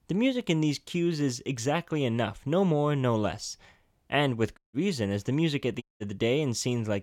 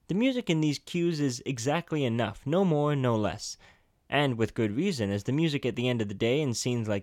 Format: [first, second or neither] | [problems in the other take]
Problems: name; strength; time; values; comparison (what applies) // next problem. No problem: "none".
second | audio cutting out; at 4.5 s and at 6 s